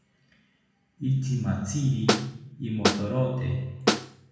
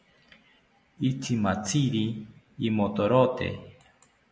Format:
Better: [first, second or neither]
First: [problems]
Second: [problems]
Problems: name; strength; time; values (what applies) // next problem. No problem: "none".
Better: second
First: background sound (Snare drum); 2 dB above the speech // room echo; dies away in 1 s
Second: none